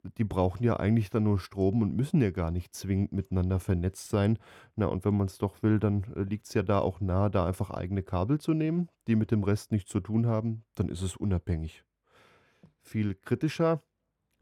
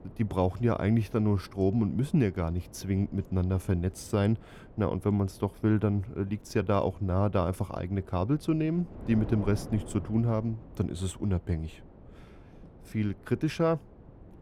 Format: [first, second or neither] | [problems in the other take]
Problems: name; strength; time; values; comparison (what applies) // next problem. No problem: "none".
first | wind noise on the microphone; occasional gusts; 20 dB below the speech